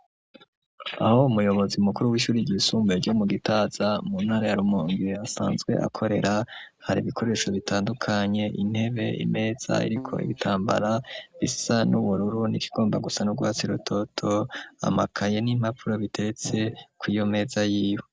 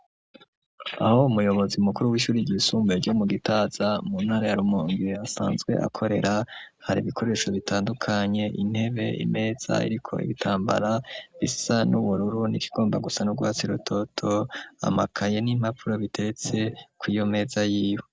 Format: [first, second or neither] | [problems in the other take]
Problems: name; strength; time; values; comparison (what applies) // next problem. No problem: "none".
second | background sound (Keyboard (musical)); 14 dB below the speech